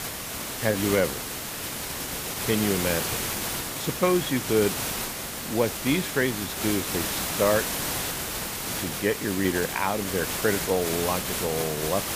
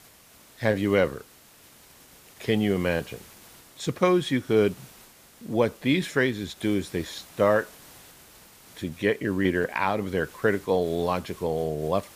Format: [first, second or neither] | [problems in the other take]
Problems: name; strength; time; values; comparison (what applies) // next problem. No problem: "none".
second | hiss; loud; throughout; 2 dB below the speech; faint in the second